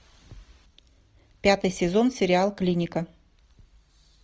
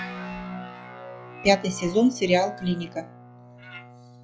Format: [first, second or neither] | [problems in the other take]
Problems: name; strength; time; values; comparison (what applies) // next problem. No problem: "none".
first | noise reduction (classical method log-MMSE)